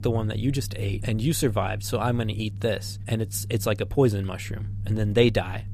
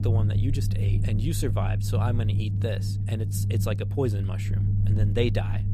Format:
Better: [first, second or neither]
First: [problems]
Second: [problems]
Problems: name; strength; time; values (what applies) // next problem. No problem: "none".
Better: first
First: low rumble; faint; throughout; 20 dB below the speech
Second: low rumble; loud; throughout; 6 dB below the speech